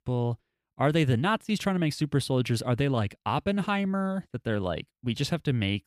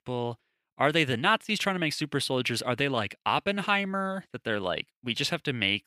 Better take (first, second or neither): first